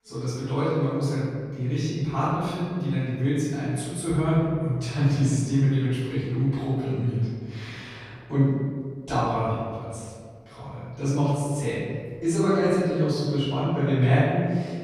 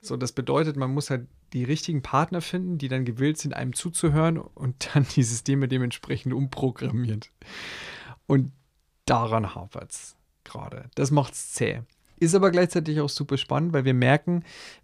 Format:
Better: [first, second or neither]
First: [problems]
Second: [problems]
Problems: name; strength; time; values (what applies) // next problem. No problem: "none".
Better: second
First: off-mic speech; far // room echo; strong; dies away in 1.9 s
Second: none